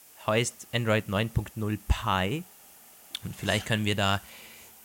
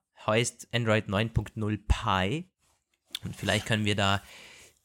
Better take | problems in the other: second | hiss; faint; throughout; 20 dB below the speech

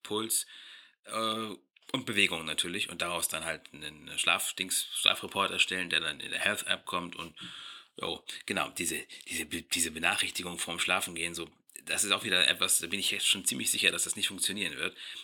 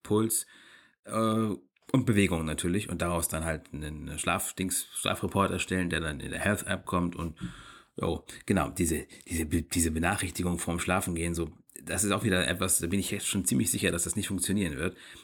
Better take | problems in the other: second | thin; somewhat; fading below 700 Hz

